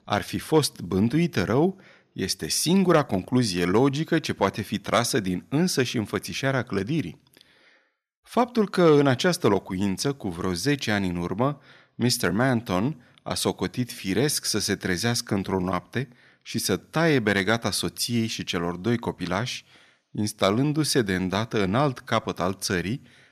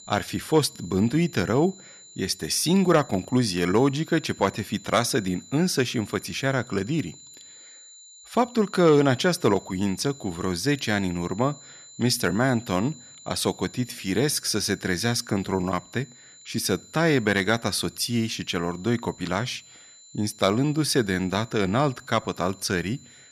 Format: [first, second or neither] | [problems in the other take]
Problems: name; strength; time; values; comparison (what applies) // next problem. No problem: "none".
first | high-pitched whine; faint; throughout; 7 kHz, 20 dB below the speech